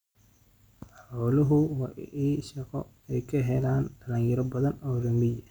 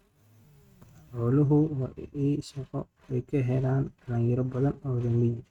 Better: first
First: none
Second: noise reduction (neural mask model RNNoise)

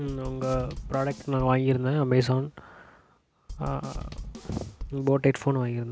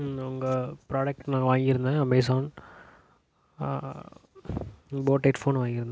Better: second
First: background sound (Drum / Drum kit); 11 dB below the speech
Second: none

